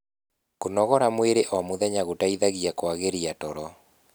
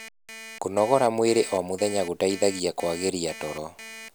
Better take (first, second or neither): first